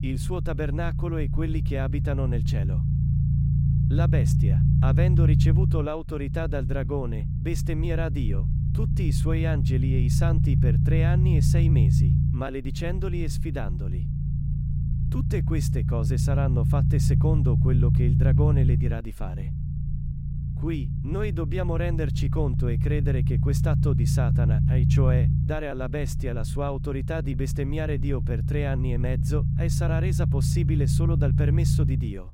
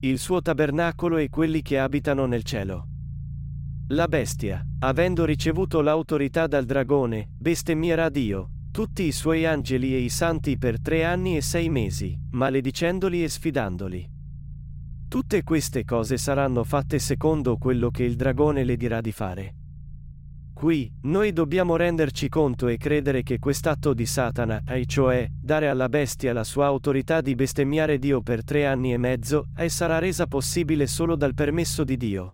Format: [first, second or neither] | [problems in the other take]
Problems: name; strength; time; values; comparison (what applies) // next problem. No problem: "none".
second | low rumble; loud; throughout; 2 dB below the speech; faint in the second